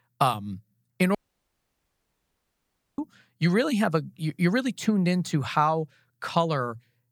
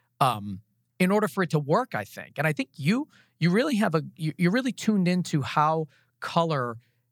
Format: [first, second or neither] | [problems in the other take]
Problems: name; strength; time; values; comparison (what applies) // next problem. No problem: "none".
second | audio cutting out; at 1 s for 2 s